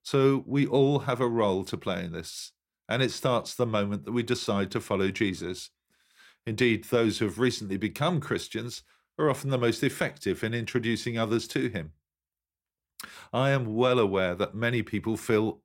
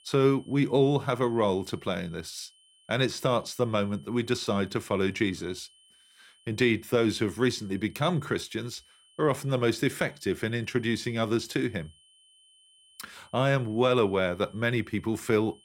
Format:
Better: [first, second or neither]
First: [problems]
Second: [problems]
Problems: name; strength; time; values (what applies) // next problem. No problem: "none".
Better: first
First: none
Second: high-pitched whine; faint; throughout; 3 kHz, 30 dB below the speech